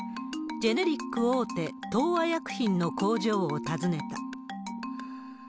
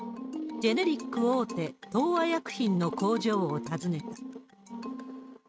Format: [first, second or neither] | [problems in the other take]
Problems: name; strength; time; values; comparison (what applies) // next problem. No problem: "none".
first | noise reduction (neural mask model RNNoise)